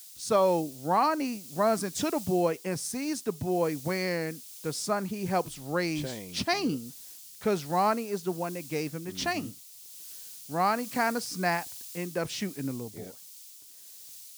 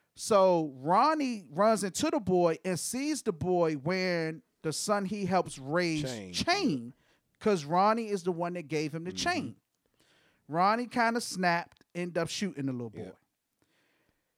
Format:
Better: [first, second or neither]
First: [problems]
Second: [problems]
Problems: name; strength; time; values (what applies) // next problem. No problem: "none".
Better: second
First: hiss; noticeable; throughout; 15 dB below the speech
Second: none